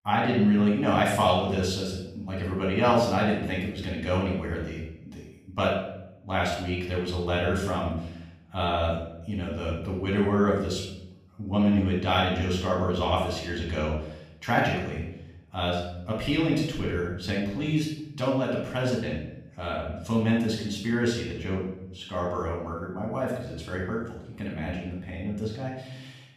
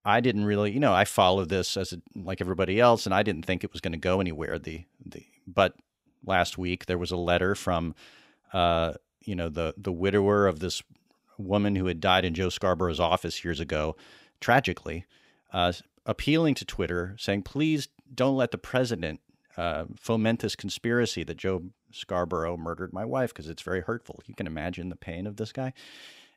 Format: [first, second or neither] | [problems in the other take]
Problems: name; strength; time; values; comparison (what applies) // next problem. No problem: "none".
second | off-mic speech; far // room echo; noticeable; dies away in 0.7 s